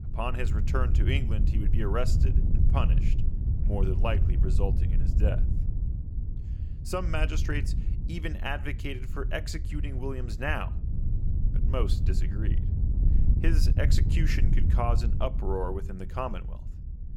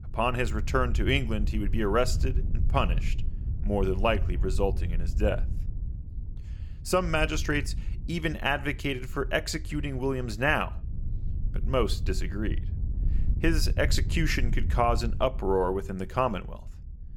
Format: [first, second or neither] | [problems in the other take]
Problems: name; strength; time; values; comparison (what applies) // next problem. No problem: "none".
second | wind noise on the microphone; heavy; 9 dB below the speech; occasional gusts in the second